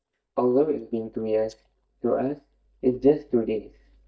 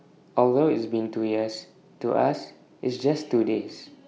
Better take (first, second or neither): second